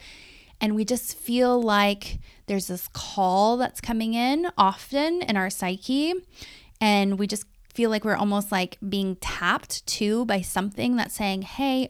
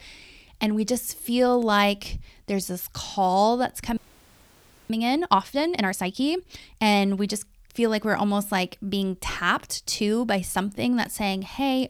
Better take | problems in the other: first | audio freezing; at 4 s for 1 s

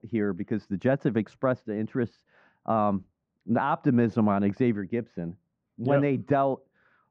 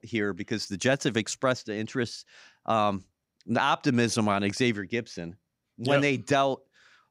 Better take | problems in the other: second | muffled; very; fading above 1 kHz

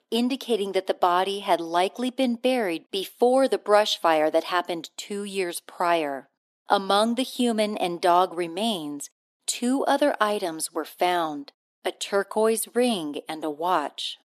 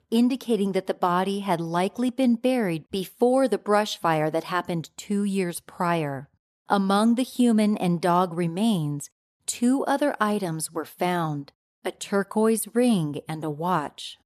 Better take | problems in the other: second | thin; somewhat; fading below 300 Hz

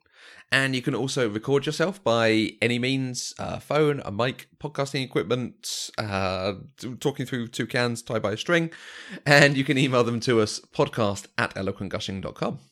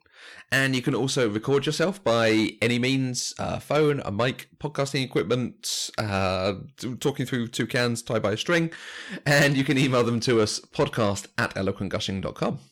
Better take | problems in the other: first | distortion; slight; 10 dB below the speech

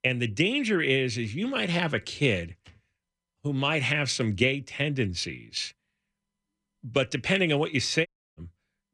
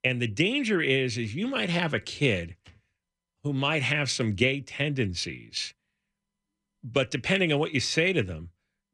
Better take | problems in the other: second | audio cutting out; at 8 s

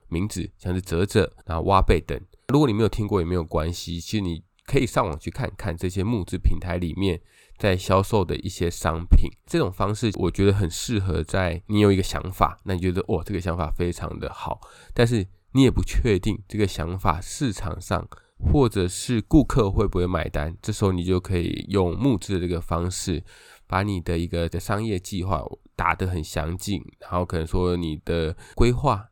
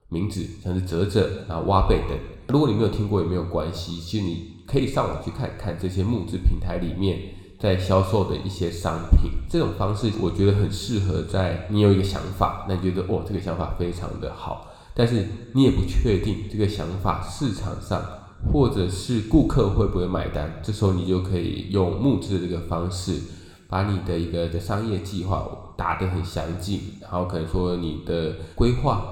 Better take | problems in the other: first | room echo; slight; dies away in 1.1 s

